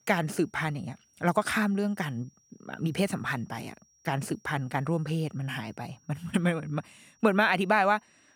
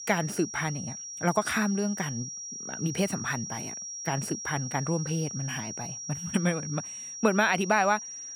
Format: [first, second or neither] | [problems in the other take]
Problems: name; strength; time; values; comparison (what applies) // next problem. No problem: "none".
first | high-pitched whine; loud; throughout; 5.5 kHz, 7 dB below the speech; faint in the first